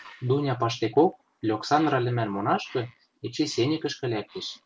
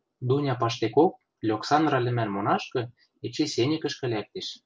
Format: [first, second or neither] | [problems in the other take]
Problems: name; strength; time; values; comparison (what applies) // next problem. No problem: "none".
second | noise reduction (neural separator model SepFormer DNS4)